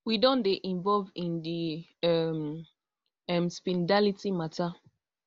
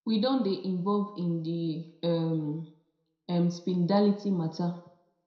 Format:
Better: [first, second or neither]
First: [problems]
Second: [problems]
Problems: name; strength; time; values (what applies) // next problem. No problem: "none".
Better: first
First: none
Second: room echo; dies away in 0.5 s